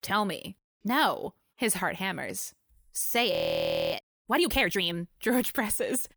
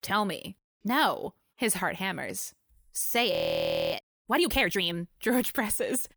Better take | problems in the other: neither | audio freezing; at 3.5 s for 0.5 s; the same in both

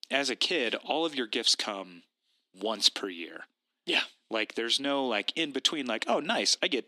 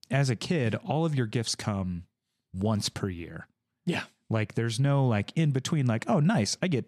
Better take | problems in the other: second | thin; somewhat; fading below 250 Hz

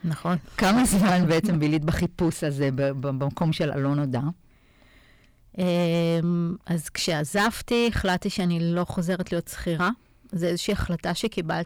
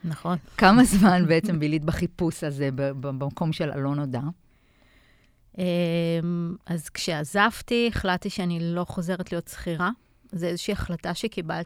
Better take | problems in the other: second | distortion; heavy; 8% of the sound clipped

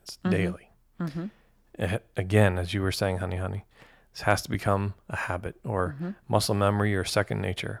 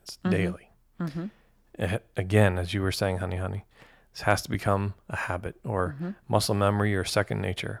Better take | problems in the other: neither | none

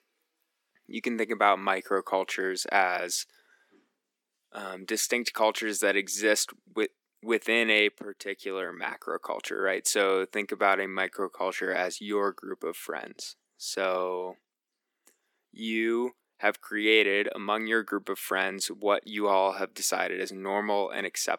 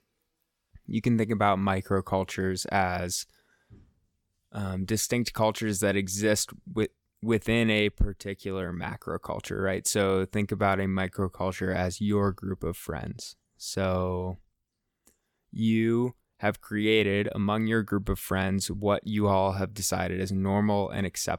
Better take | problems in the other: second | thin; somewhat; fading below 300 Hz

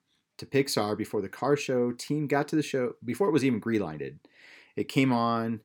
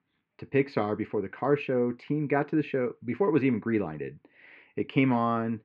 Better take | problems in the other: first | muffled; very; fading above 2.5 kHz

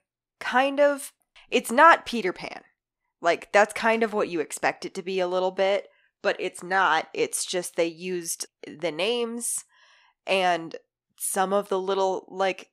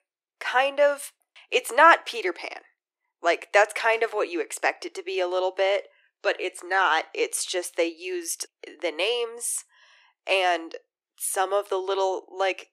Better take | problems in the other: first | thin; very; fading below 350 Hz

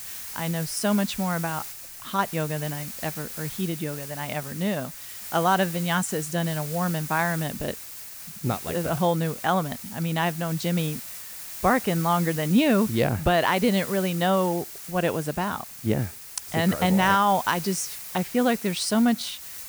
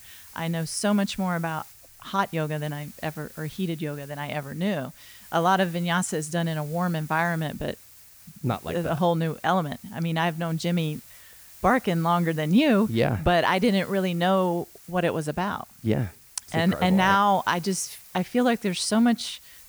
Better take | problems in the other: second | hiss; loud; throughout; 10 dB below the speech; faint in the second

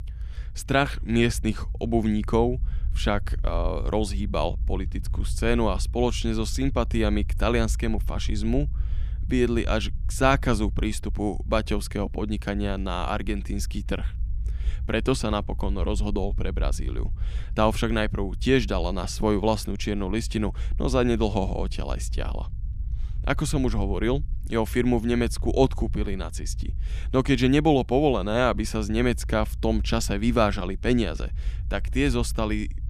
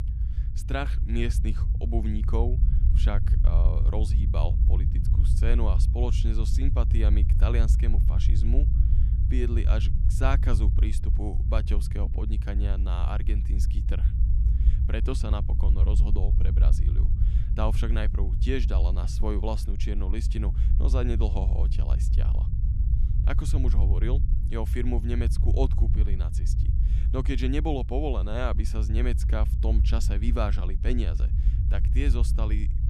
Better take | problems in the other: first | low rumble; loud; throughout; 7 dB below the speech; faint in the first

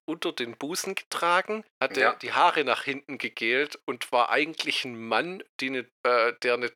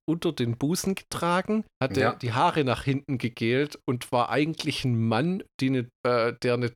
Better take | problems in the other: second | thin; somewhat; fading below 450 Hz

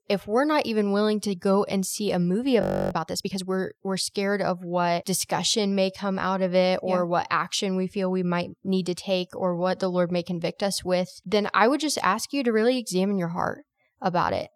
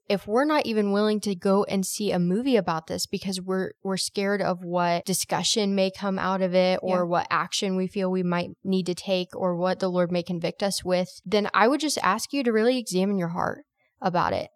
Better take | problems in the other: second | audio freezing; at 2.5 s

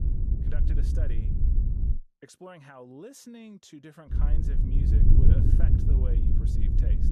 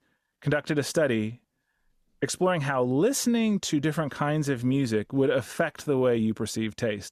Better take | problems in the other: second | wind noise on the microphone; heavy; until 2 s and from 4 s on; 4 dB above the speech

